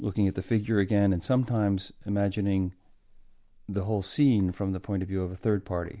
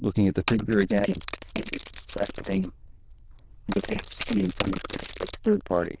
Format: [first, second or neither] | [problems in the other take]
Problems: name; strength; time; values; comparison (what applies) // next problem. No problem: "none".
first | noise reduction (neural diffusion model UNIVERSE++)